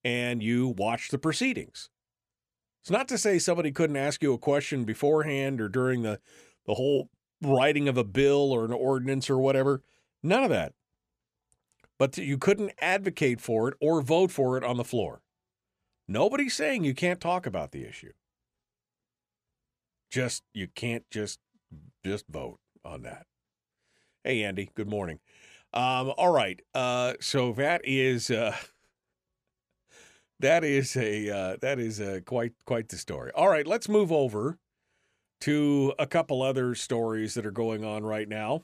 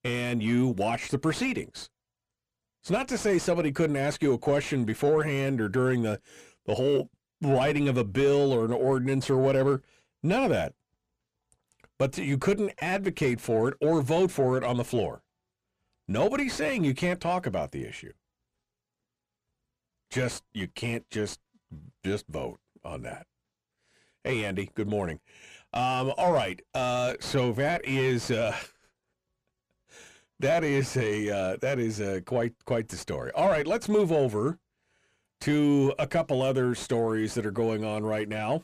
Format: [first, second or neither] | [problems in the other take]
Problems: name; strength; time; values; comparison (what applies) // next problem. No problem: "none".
first | distortion; slight; 9 dB below the speech